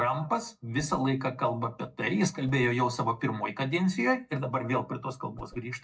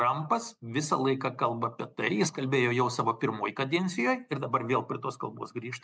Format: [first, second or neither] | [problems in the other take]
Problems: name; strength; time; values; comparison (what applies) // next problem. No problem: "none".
second | noise reduction (neural separator model SepFormer DNS4)